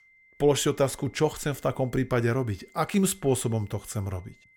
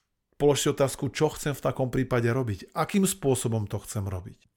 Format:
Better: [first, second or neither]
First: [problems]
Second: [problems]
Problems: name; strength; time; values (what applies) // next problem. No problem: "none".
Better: second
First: high-pitched whine; faint; throughout; 2 kHz, 30 dB below the speech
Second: none